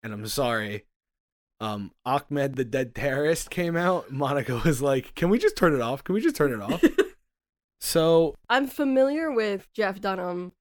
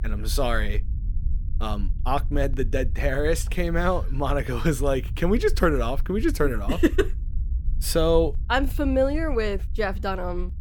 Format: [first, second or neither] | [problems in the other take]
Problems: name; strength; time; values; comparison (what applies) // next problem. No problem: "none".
first | low rumble; faint; throughout; 25 dB below the speech